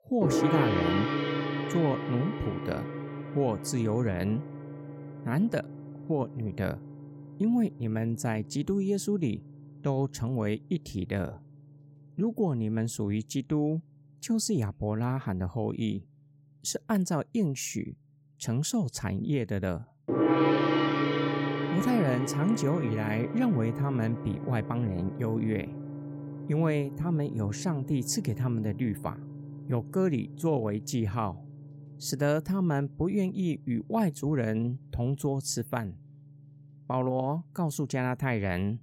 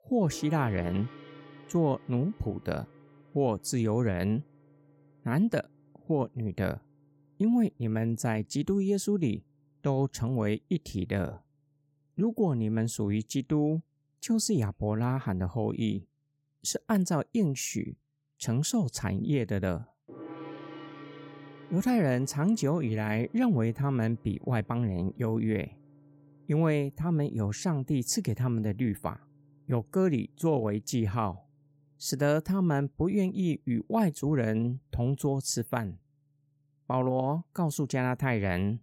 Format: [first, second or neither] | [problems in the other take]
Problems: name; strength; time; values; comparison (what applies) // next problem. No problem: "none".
second | background music; loud; throughout; 3 dB below the speech; faint in the second